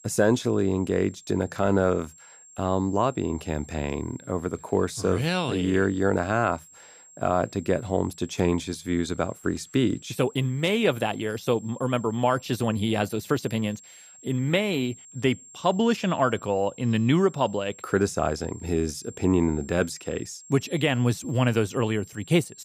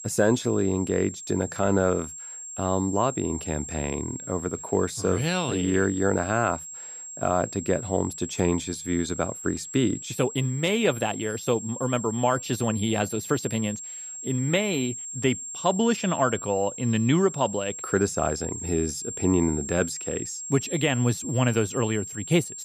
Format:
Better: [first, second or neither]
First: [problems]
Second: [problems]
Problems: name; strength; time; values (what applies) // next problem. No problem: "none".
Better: first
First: high-pitched whine; faint; throughout; 7.5 kHz, 20 dB below the speech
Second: high-pitched whine; loud; throughout; 7.5 kHz, 9 dB below the speech